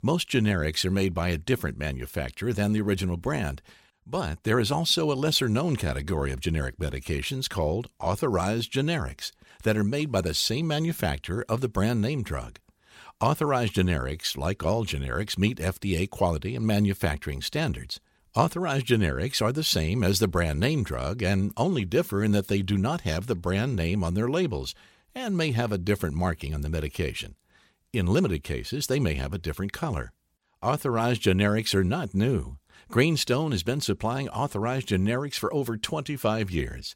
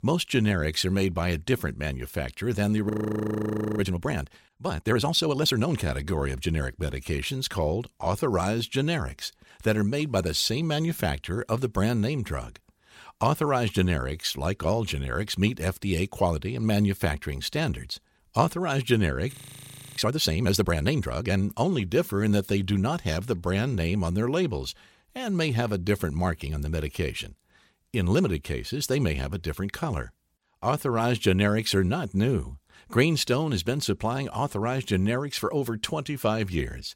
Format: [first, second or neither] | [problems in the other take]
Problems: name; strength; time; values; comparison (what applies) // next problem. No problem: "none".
first | audio freezing; at 3 s for 1 s and at 19 s for 0.5 s